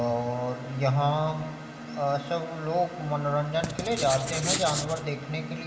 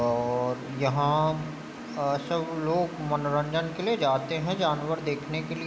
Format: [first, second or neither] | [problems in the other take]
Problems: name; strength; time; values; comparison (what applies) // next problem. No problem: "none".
second | background sound (Writing); 4 dB below the speech // room echo; dies away in 1.8 s